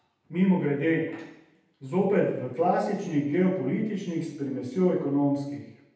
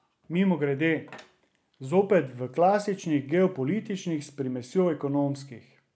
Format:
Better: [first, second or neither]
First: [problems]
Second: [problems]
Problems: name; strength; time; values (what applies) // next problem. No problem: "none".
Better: second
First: room echo; dies away in 0.8 s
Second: none